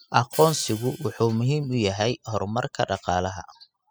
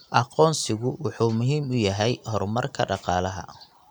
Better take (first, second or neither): second